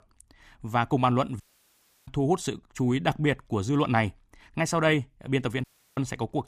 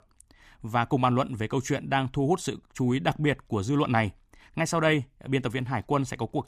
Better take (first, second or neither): second